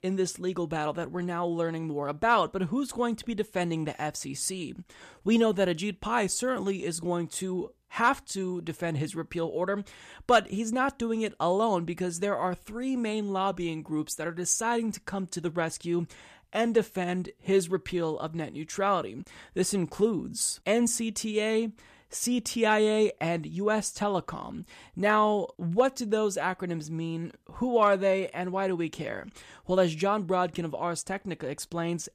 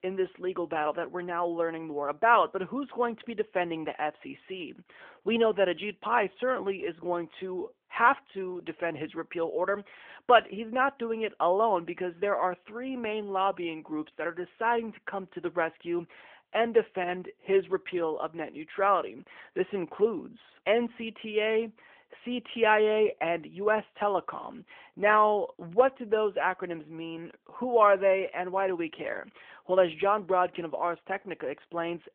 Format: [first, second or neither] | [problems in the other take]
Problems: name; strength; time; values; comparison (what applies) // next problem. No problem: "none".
first | phone-call audio